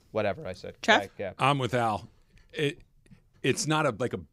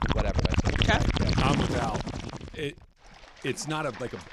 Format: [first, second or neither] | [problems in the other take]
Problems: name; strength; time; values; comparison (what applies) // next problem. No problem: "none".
first | rain or running water; very loud; throughout; 5 dB above the speech